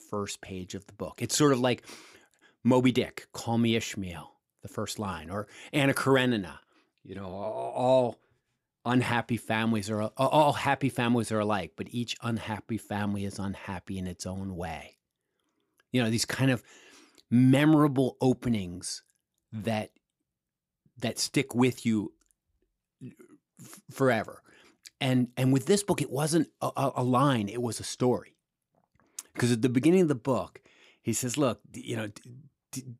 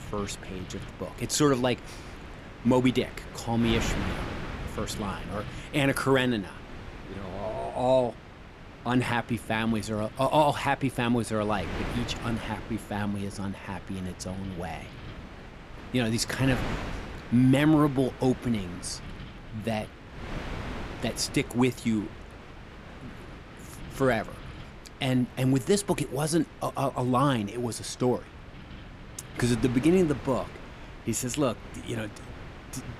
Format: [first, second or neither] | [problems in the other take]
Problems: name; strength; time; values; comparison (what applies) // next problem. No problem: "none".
first | wind noise on the microphone; occasional gusts; 15 dB below the speech